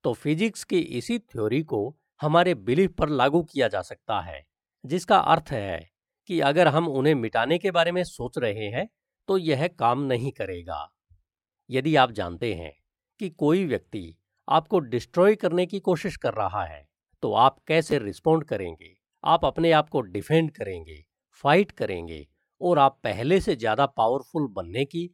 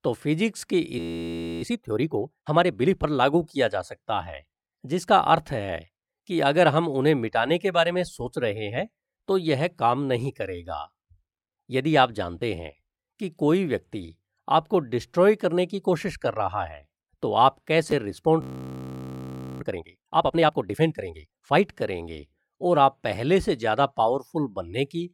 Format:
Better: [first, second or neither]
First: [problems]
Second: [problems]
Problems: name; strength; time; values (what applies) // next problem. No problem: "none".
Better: first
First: none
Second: audio freezing; at 1 s for 0.5 s and at 18 s for 1 s